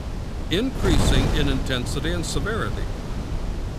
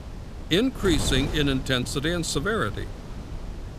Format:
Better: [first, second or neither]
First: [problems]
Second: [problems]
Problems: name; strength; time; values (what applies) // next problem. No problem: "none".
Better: second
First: wind noise on the microphone; heavy; 5 dB below the speech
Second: wind noise on the microphone; occasional gusts; 15 dB below the speech